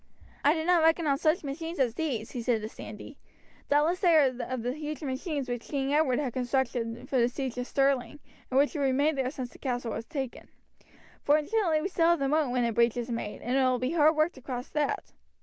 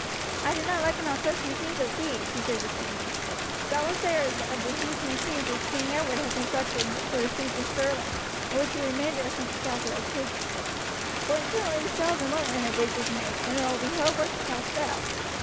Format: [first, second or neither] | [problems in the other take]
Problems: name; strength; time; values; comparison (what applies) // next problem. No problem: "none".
first | background sound (Rain); as loud as the speech